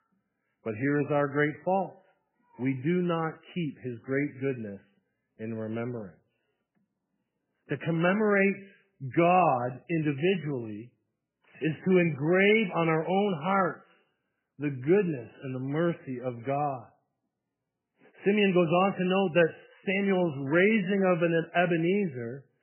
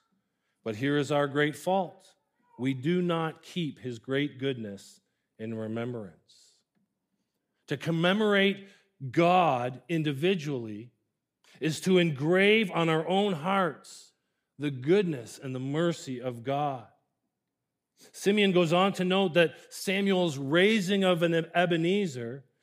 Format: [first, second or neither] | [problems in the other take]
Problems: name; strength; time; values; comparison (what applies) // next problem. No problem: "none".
second | garbled, watery; badly; nothing above 3 kHz